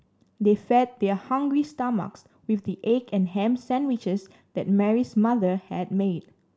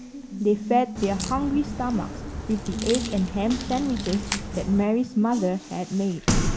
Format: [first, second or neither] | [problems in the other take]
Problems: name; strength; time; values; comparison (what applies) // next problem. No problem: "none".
first | background sound (Water tap, faucet + Crack); 4 dB below the speech